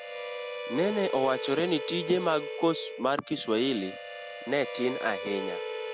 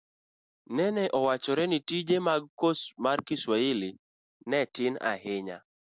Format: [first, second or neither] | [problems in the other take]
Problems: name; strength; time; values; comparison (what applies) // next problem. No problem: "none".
second | background sound (Harmonica); 7 dB below the speech